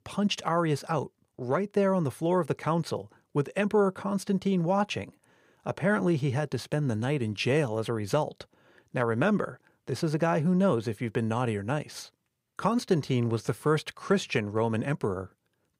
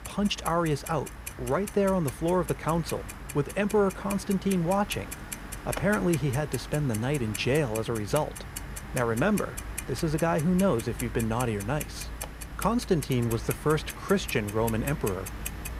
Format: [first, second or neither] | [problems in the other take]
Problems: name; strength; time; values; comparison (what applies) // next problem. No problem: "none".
first | household noises; noticeable; throughout; 10 dB below the speech